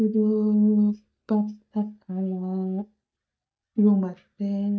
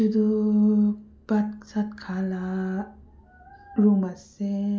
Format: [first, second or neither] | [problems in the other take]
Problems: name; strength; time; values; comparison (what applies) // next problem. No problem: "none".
second | noise reduction (neural mask model DeepFilterNet 3)